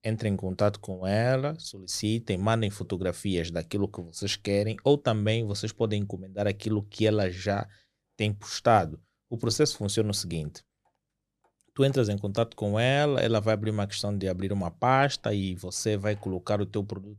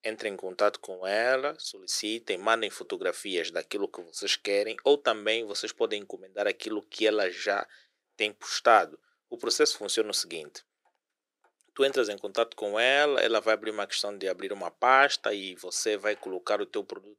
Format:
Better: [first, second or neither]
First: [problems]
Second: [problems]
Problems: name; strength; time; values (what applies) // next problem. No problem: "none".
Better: first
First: none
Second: thin; very; fading below 350 Hz